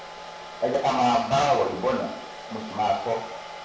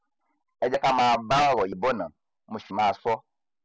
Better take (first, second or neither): second